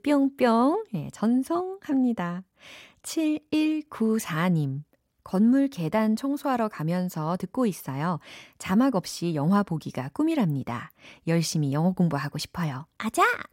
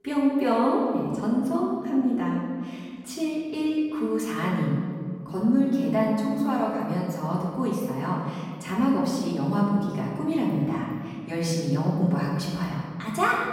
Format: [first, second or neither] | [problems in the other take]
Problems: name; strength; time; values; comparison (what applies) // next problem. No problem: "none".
first | room echo; noticeable; dies away in 1.8 s // off-mic speech; far